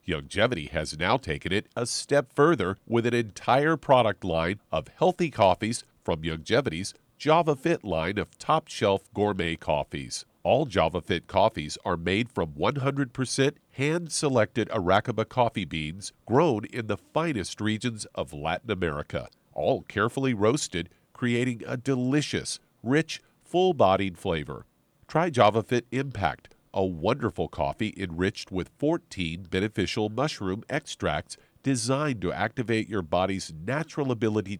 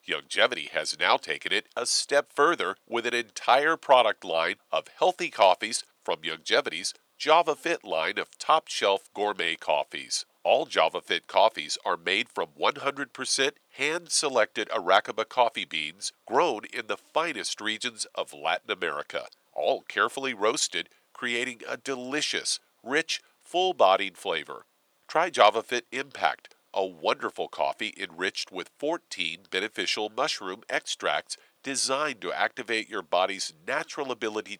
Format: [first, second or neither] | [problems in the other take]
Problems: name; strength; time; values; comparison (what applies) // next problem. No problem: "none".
first | thin; very; fading below 550 Hz